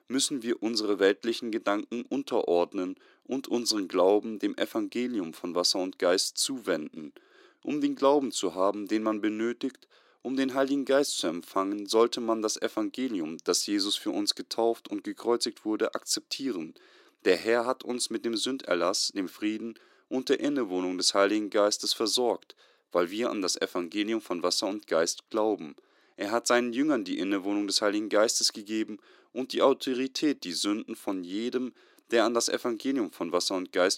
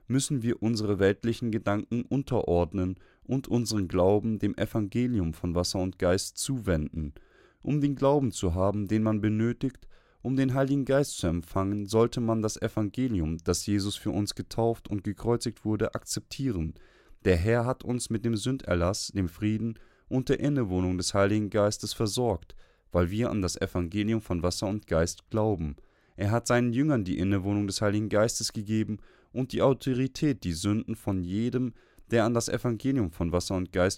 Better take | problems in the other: second | thin; very slightly; fading below 300 Hz

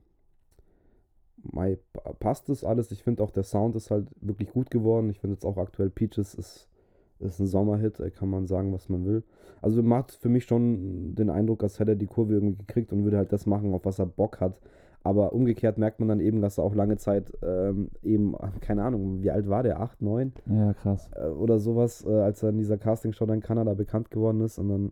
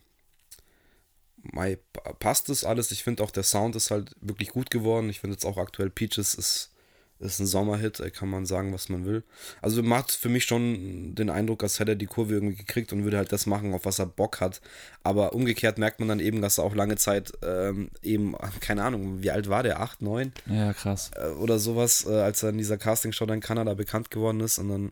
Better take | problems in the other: second | muffled; very; fading above 1 kHz

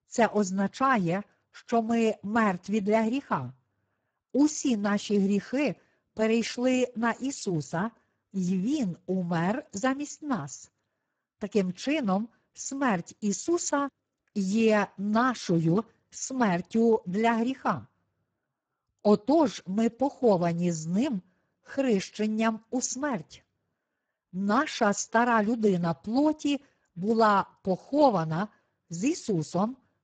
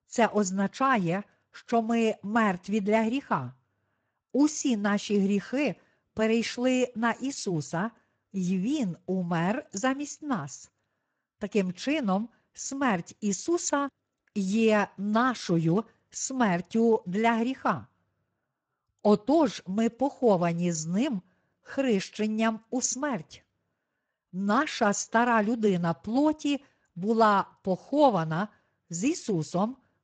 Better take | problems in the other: second | garbled, watery; badly; nothing above 7.5 kHz; slightly in the second

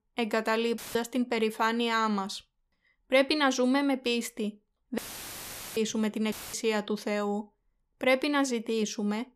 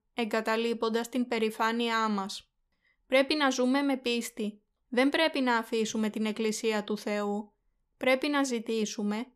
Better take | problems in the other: second | audio cutting out; filled with static; at 1 s, at 5 s for 1 s and at 6.5 s

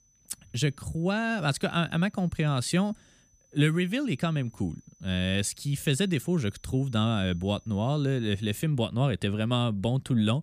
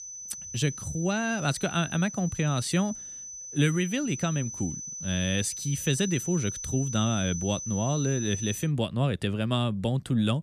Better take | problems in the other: first | high-pitched whine; loud; until 8.5 s; 6 kHz, 8 dB below the speech; faint in the first

